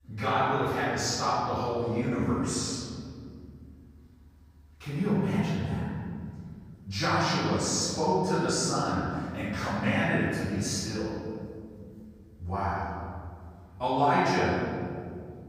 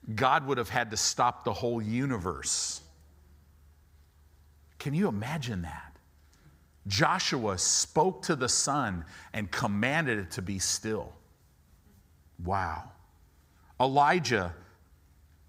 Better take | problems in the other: second | off-mic speech; far // room echo; strong; dies away in 2.5 s

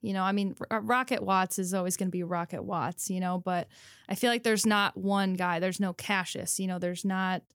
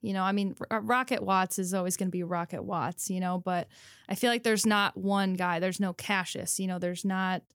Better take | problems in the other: neither | none

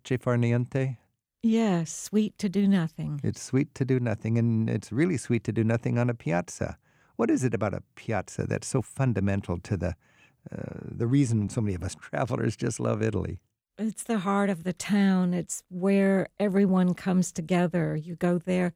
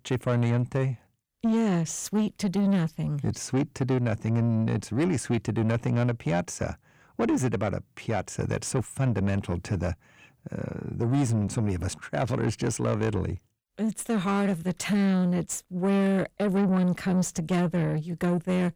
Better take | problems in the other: first | distortion; slight; 10 dB below the speech

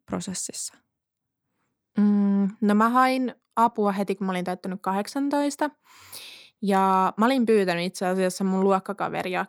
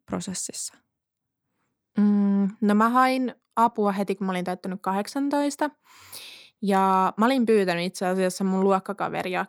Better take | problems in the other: neither | none

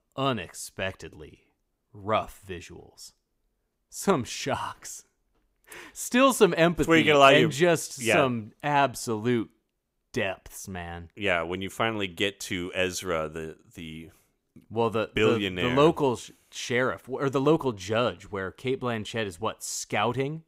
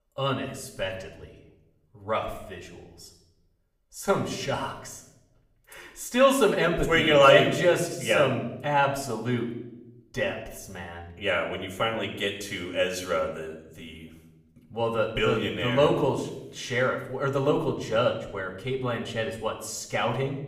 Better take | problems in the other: first | room echo; slight; dies away in 0.7 s // off-mic speech; far

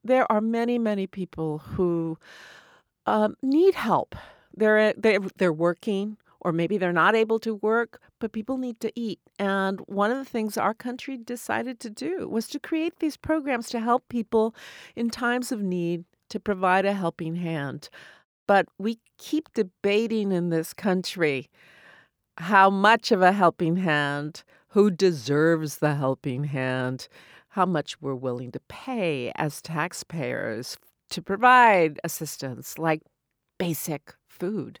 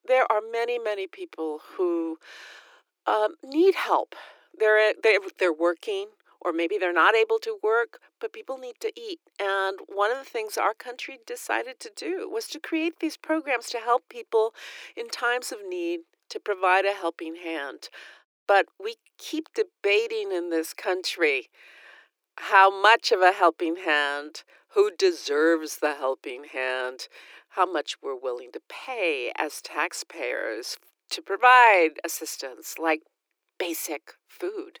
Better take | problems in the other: first | thin; very; fading below 300 Hz

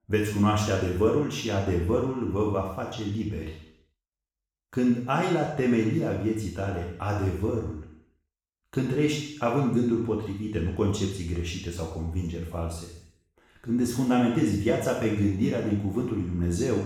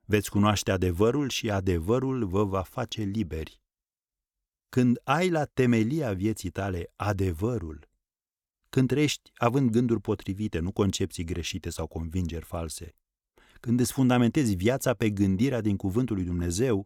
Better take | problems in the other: second | room echo; noticeable; dies away in 0.7 s // off-mic speech; far

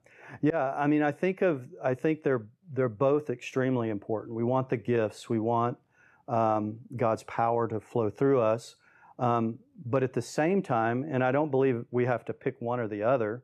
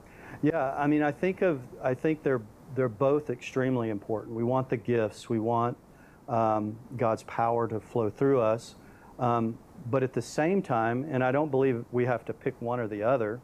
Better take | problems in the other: first | hiss; faint; throughout; 25 dB below the speech

